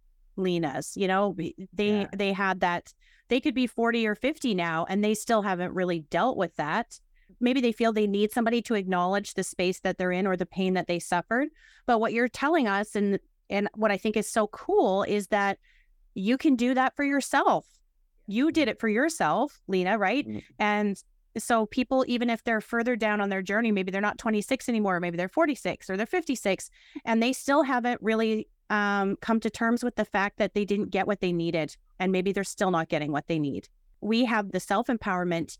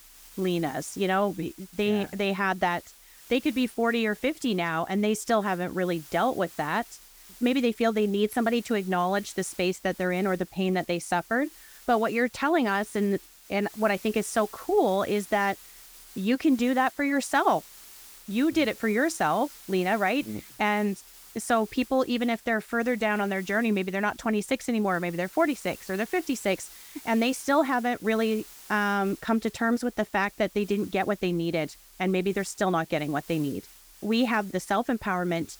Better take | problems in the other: first | hiss; noticeable; throughout; 20 dB below the speech

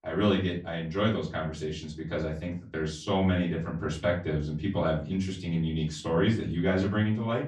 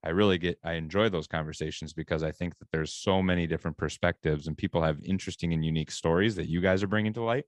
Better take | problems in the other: second | off-mic speech; far // room echo; slight; dies away in 0.4 s

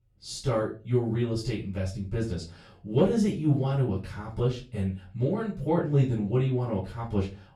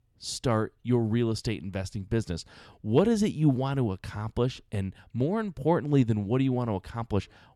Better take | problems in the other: second | off-mic speech; far // room echo; slight; dies away in 0.3 s

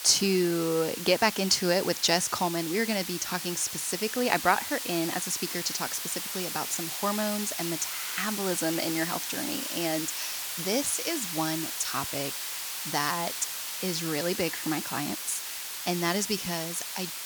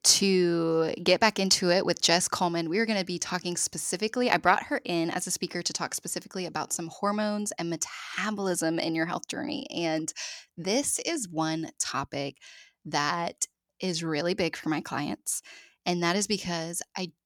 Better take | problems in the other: second | hiss; loud; throughout; 3 dB below the speech

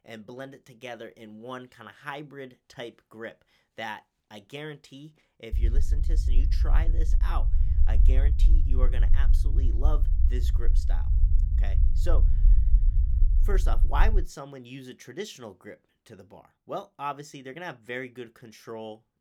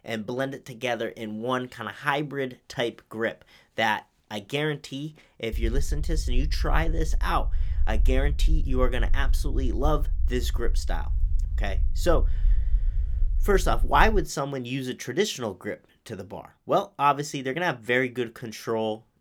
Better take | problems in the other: second | low rumble; loud; from 5.5 to 14 s; 9 dB below the speech; faint in the second

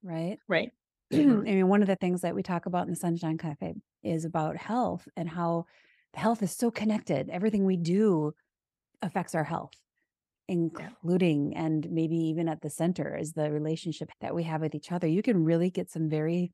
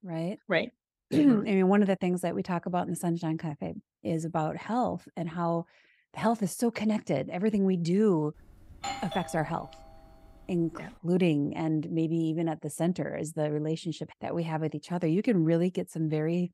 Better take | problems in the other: first | doorbell; noticeable; from 8.5 to 11 s; peak 7 dB below the speech

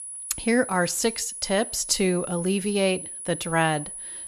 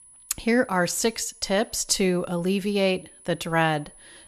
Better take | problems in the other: second | high-pitched whine; loud; throughout; 10.5 kHz, 9 dB below the speech; faint in the second

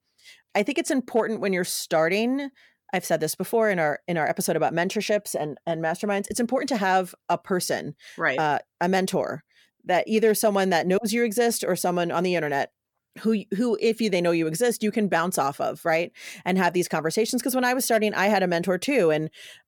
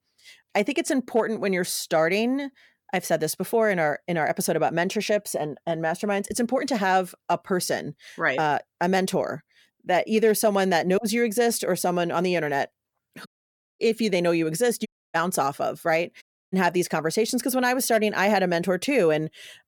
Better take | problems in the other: first | audio cutting out; at 13 s for 0.5 s, at 15 s and at 16 s

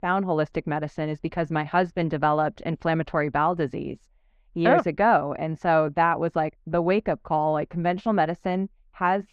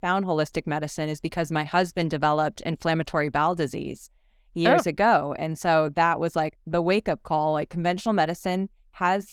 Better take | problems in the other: second | muffled; slightly; fading above 2 kHz

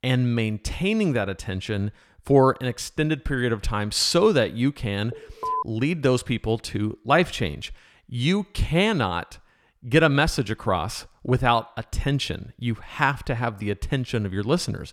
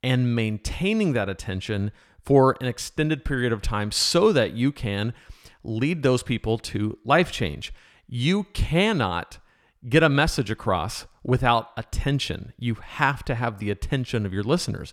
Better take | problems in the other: second | alarm; noticeable; at 5 s; peak 4 dB below the speech

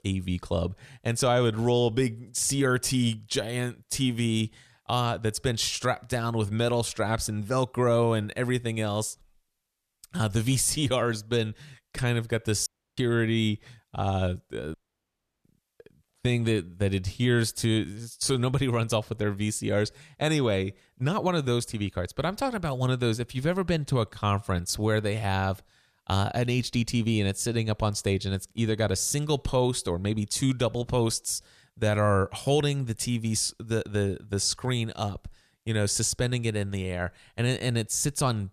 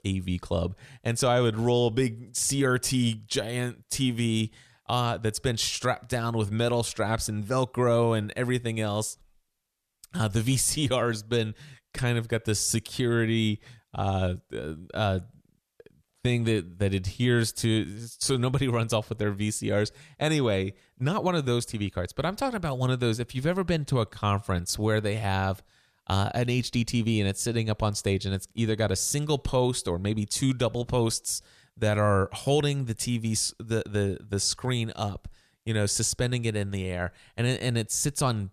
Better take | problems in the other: second | audio cutting out; at 13 s and at 15 s for 0.5 s

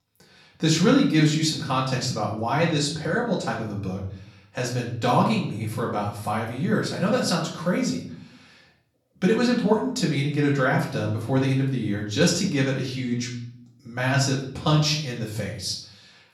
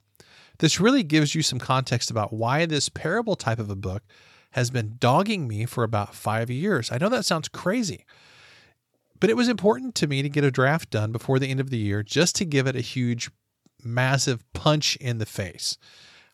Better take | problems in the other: second | off-mic speech; far // room echo; slight; dies away in 0.6 s

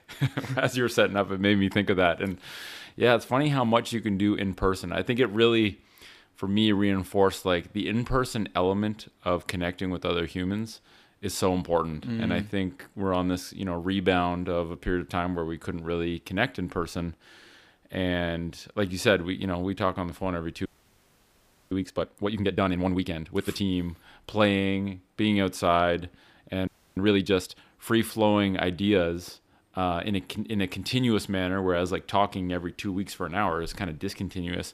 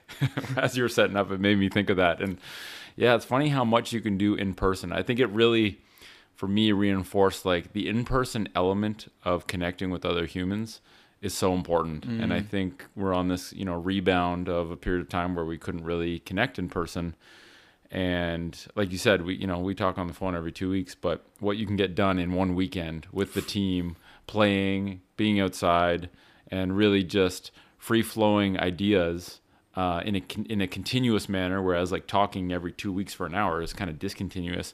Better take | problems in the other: second | audio freezing; at 21 s for 1 s and at 27 s

